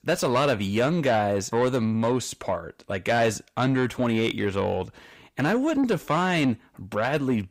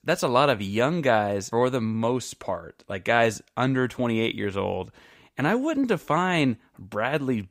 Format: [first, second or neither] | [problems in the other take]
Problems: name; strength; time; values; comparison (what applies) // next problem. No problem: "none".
second | distortion; slight; 10 dB below the speech